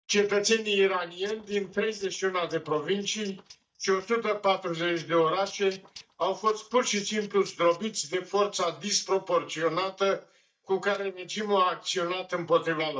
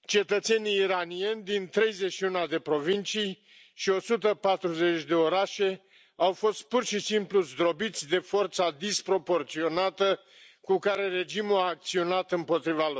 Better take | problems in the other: second | noise reduction (neural mask model DeepFilterNet 3)

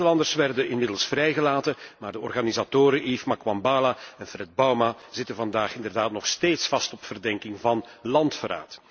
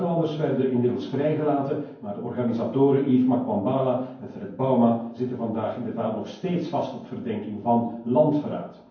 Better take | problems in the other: first | room echo; dies away in 0.9 s

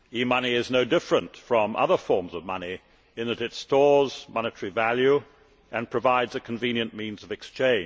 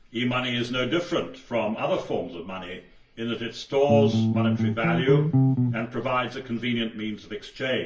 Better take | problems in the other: first | background sound (Bass guitar); 5 dB above the speech // room echo; dies away in 0.3 s

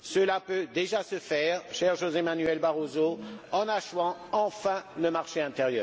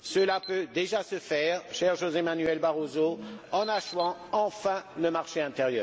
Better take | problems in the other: first | background sound (Alarm); 16 dB below the speech

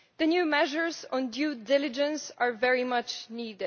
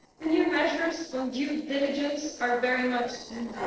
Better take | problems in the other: first | noise reduction (neural separator model SepFormer DNS4)

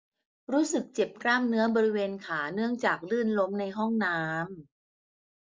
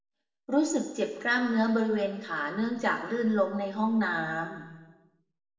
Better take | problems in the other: first | room echo; dies away in 1.1 s

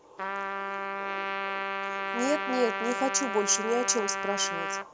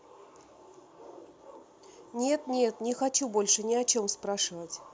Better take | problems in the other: second | background sound (Trumpet); 1 dB below the speech

